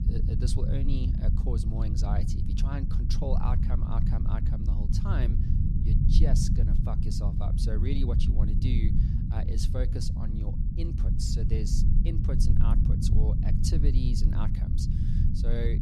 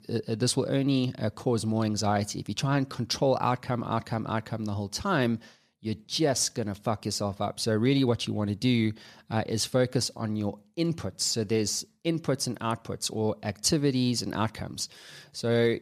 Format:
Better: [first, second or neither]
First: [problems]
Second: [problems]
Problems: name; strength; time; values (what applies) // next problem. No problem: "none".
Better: second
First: low rumble; loud; throughout; 1 dB below the speech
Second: none